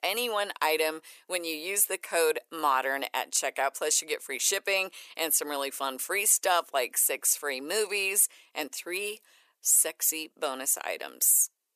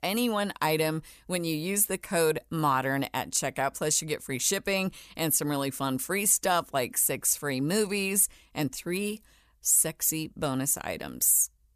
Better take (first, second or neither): second